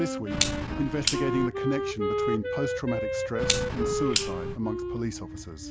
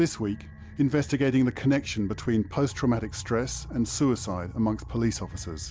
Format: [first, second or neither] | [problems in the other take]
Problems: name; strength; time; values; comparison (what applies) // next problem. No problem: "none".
second | background sound (Clock + Wind instrument, woodwind instrument); 3 dB above the speech